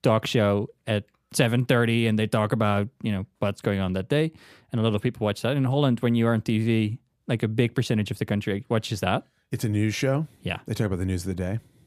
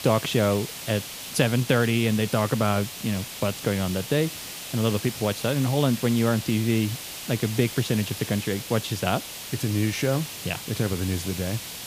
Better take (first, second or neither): first